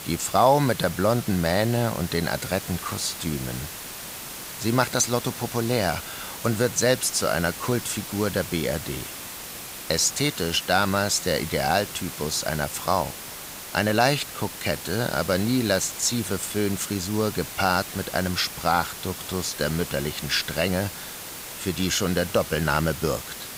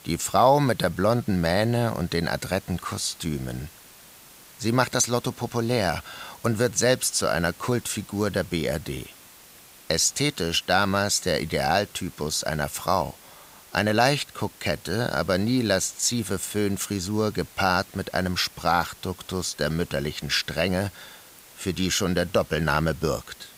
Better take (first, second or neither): second